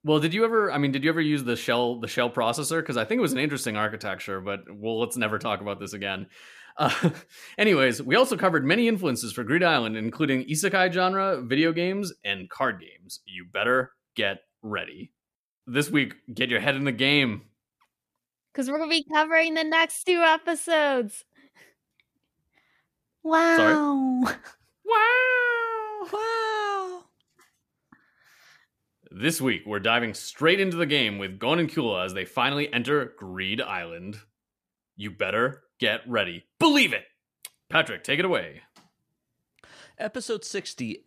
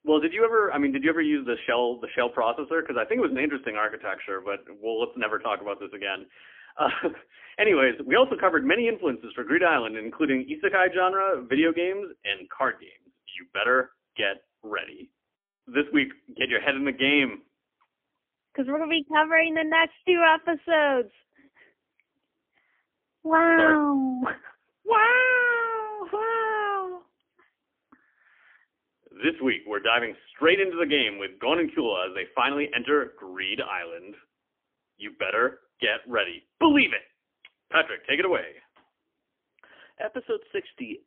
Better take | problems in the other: first | phone-call audio; poor line; nothing above 3.5 kHz

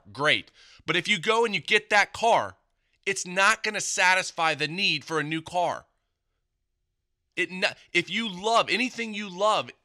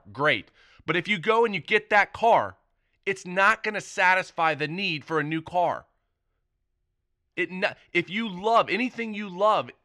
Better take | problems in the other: first | muffled; slightly; fading above 3.5 kHz

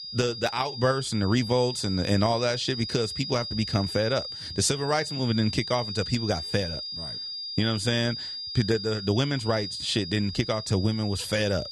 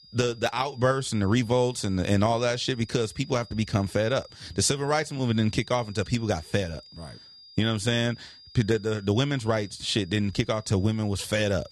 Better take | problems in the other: second | high-pitched whine; loud; throughout; 5 kHz, 6 dB below the speech; faint in the second

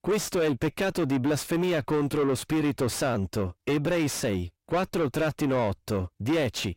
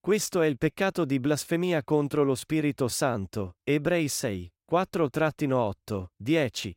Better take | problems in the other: second | distortion; heavy; 6 dB below the speech

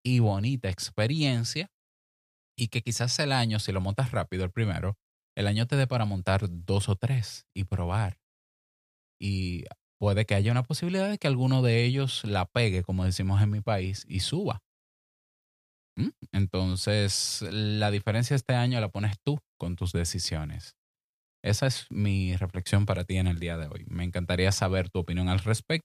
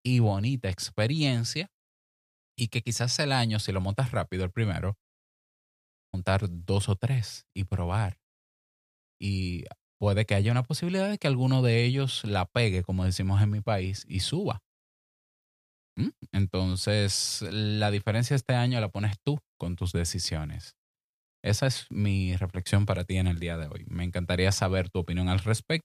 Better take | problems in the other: first | audio cutting out; at 5 s for 1 s

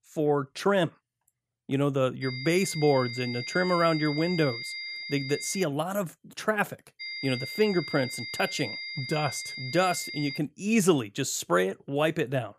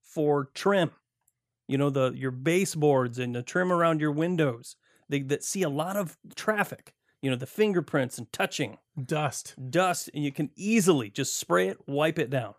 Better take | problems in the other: second | high-pitched whine; loud; from 2 to 5.5 s and from 7 to 10 s; 2 kHz, 7 dB below the speech

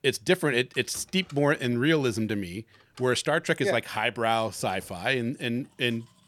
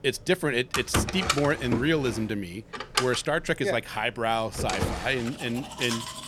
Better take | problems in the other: first | household noises; loud; throughout; 4 dB below the speech; faint in the first

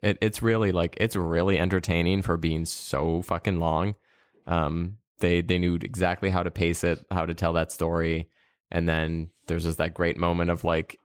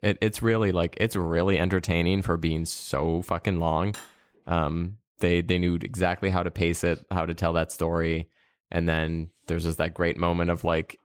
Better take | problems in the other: first | clattering dishes; faint; at 4 s; peak 15 dB below the speech

